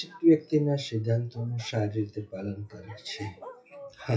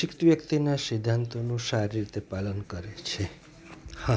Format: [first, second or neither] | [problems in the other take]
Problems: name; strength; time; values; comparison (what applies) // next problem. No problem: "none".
second | noise reduction (classical method WPE with log-MMSE)